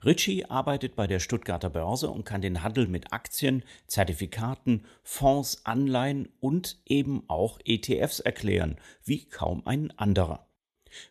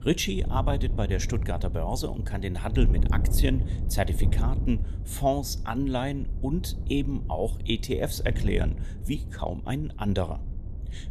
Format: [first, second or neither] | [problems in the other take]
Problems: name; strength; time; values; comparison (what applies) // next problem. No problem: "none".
first | wind noise on the microphone; occasional gusts; 15 dB below the speech